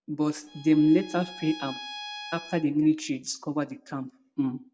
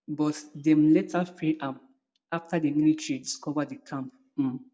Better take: second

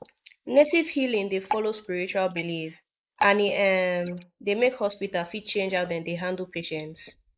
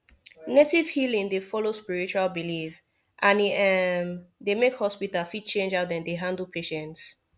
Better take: second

